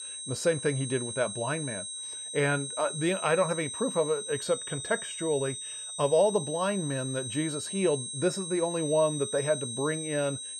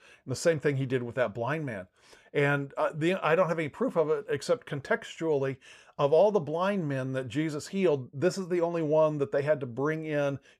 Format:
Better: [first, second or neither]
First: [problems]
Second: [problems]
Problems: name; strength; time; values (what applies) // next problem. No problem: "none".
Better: second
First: high-pitched whine; loud; throughout; 8.5 kHz, 6 dB below the speech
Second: none